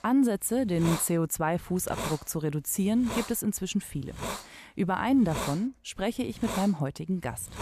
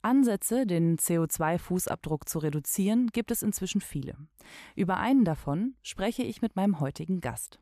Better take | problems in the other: second | hiss; loud; throughout; 9 dB below the speech

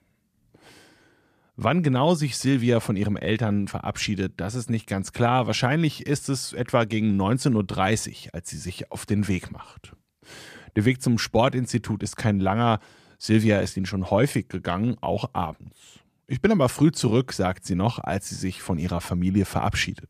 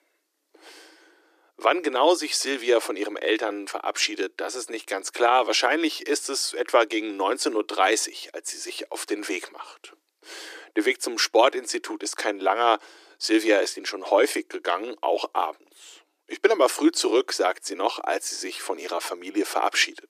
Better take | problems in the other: first | thin; very; fading below 300 Hz

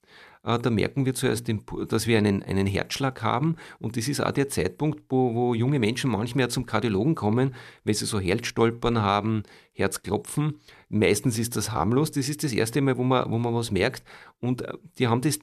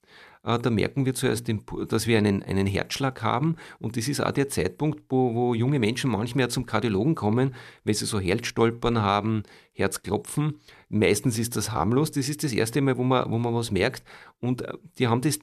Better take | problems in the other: neither | none

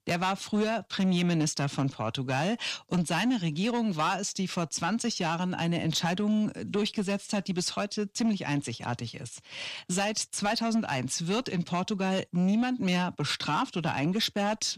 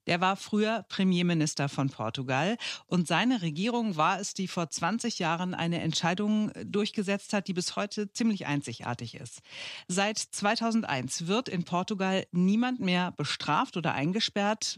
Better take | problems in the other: second | distortion; slight; 10 dB below the speech

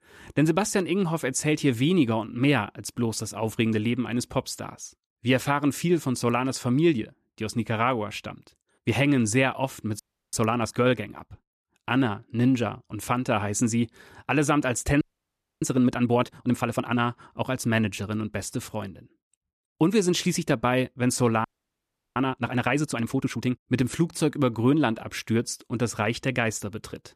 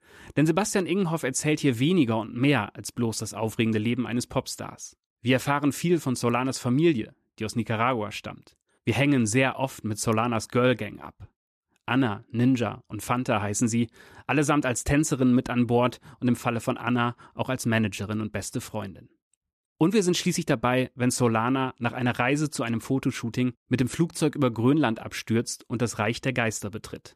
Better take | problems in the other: second | audio freezing; at 10 s, at 15 s for 0.5 s and at 21 s for 0.5 s

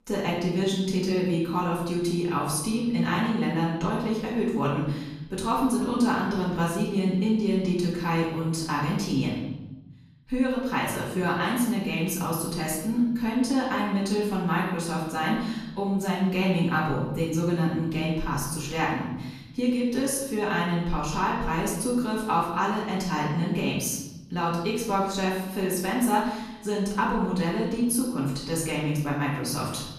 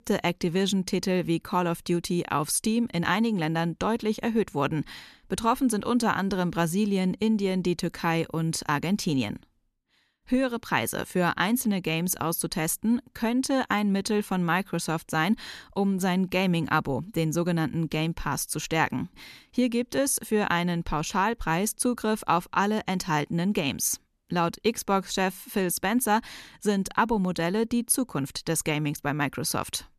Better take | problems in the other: second | off-mic speech; far // room echo; noticeable; dies away in 1 s

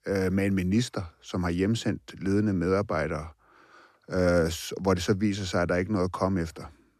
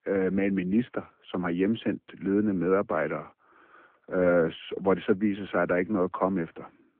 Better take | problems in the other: first | phone-call audio; nothing above 3 kHz

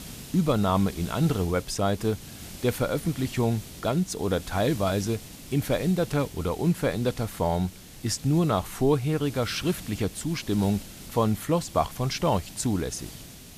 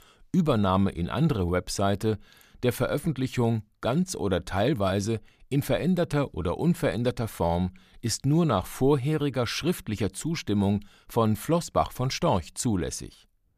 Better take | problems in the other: second | hiss; noticeable; throughout; 15 dB below the speech

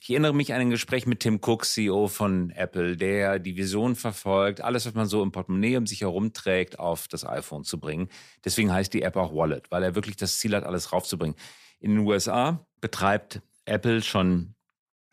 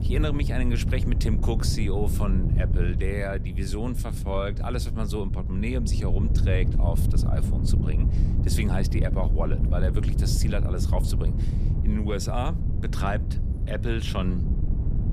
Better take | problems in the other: first | wind noise on the microphone; heavy; 6 dB below the speech

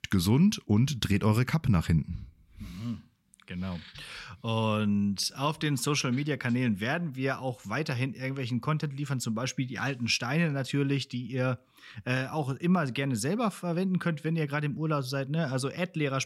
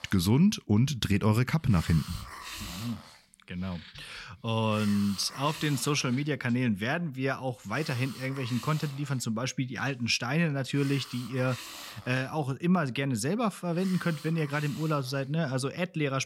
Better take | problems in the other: first | hiss; noticeable; throughout; 15 dB below the speech

